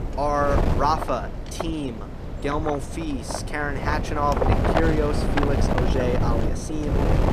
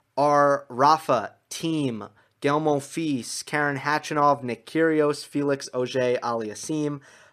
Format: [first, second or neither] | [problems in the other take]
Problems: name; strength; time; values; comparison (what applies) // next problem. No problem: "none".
second | wind noise on the microphone; heavy; 2 dB below the speech